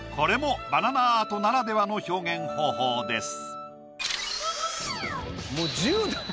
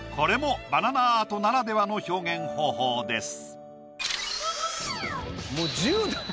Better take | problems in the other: second | background sound (Wind instrument, woodwind instrument); 13 dB below the speech

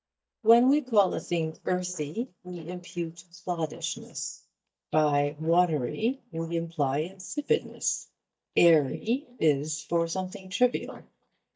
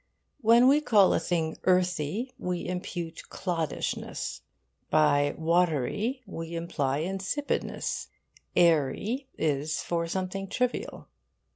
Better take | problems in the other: second | noise reduction (neural mask model DeepFilterNet 3)

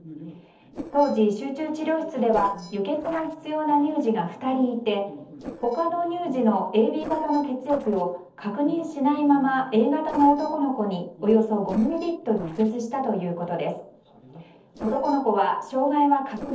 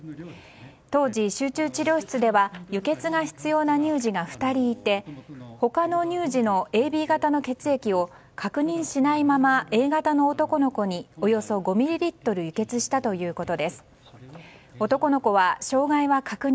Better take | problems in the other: second | noise reduction (neural separator model SepFormer DNS4)

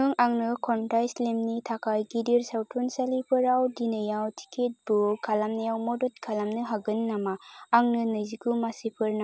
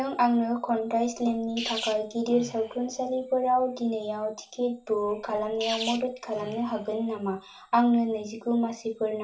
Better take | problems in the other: first | background sound (Sneeze); 14 dB below the speech // room echo; dies away in 0.3 s

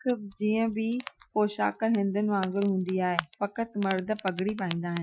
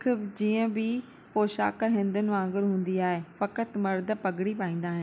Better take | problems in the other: second | noise reduction (classical method Wiener filter)

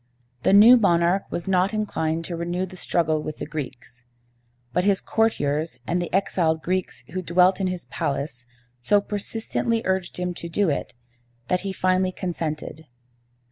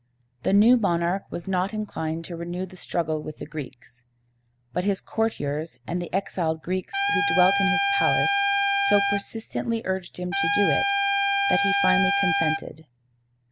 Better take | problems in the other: first | background sound (Trumpet); 2 dB above the speech

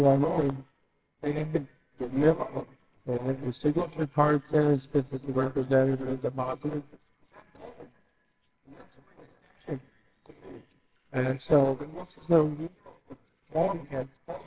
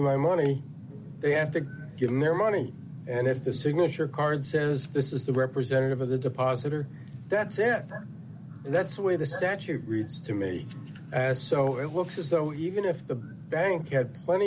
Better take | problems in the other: second | noise reduction (neural separator model SepFormer WHAMR!)

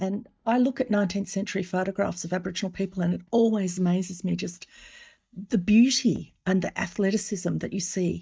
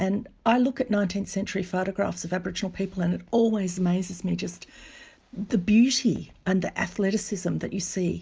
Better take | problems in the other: second | noise reduction (neural mask model DeepFilterNet 3)

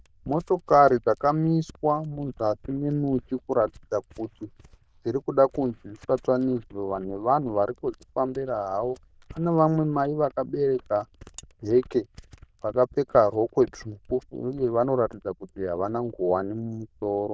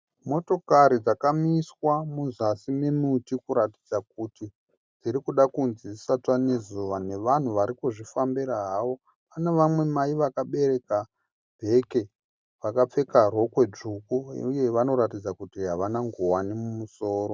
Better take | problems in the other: second | noise reduction (neural diffusion model UNIVERSE++)

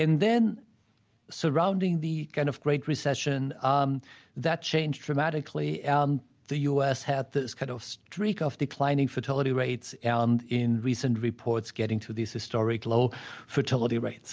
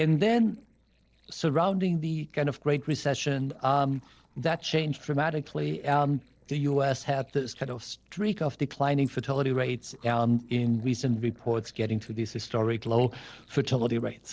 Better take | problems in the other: first | noise reduction (neural separator model SepFormer DNS4)

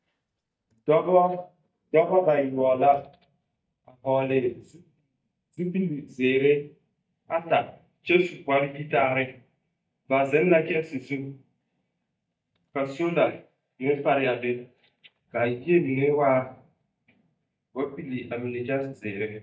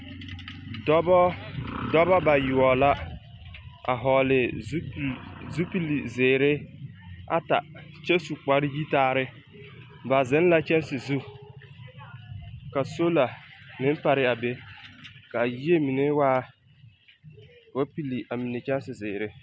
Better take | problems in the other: second | noise reduction (neural mask model DeepFilterNet 3)

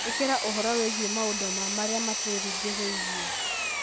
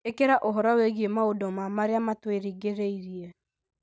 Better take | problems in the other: second | background sound (Power tool); 1 dB above the speech

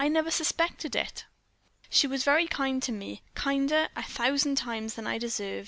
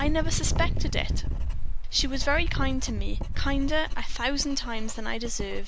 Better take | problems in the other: first | background sound (Writing + Engine); 5 dB above the speech

